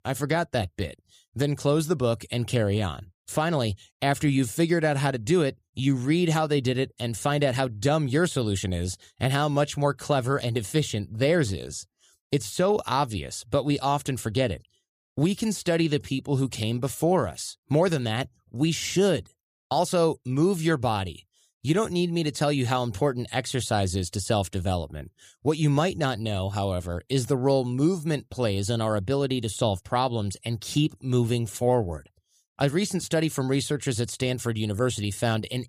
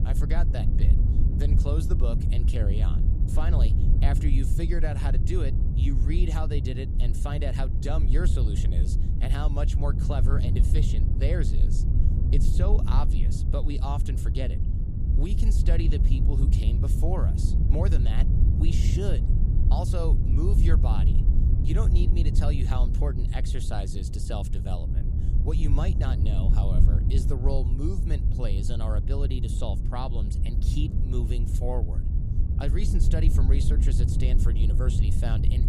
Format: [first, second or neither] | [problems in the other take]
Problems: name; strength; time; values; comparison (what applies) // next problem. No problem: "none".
first | wind noise on the microphone; heavy; 3 dB below the speech